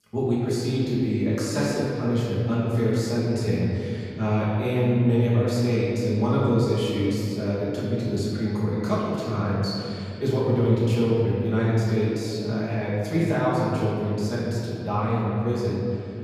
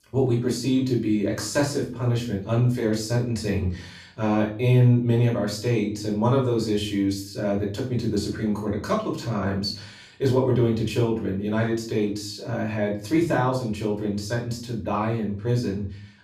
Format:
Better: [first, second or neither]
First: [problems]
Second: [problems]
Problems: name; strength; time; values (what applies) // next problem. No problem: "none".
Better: second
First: room echo; strong; dies away in 2.6 s // off-mic speech; far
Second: room echo; slight; dies away in 0.4 s // off-mic speech; far